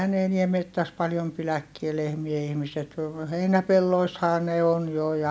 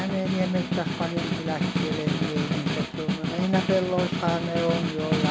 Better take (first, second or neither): first